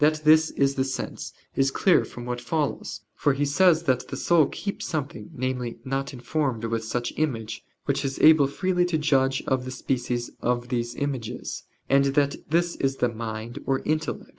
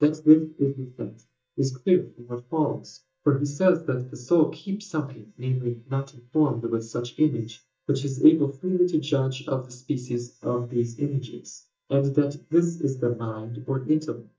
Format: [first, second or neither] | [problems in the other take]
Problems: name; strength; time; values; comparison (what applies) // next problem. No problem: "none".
first | noise reduction (neural mask model DeepFilterNet 3)